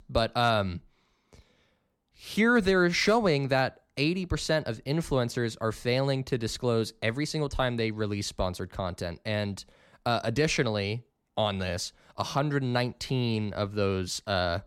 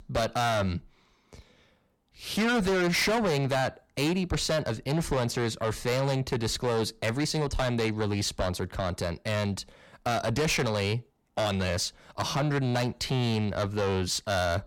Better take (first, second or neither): first